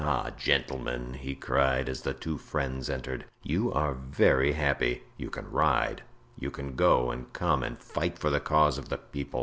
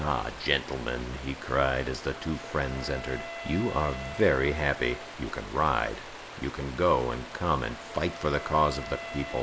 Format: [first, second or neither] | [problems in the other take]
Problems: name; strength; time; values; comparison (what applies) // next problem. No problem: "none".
first | background sound (Wind instrument, woodwind instrument + Stream); 12 dB below the speech